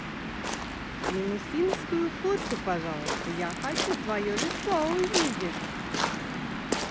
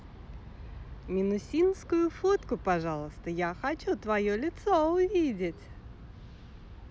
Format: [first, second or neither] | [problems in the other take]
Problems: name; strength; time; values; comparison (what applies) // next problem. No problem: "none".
second | background sound (Waves, surf); 1 dB below the speech